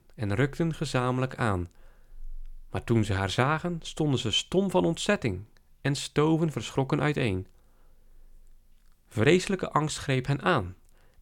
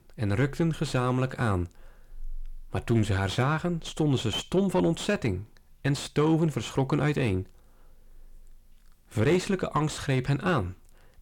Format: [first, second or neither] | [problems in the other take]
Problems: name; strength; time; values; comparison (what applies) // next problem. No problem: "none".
first | distortion; slight; 10 dB below the speech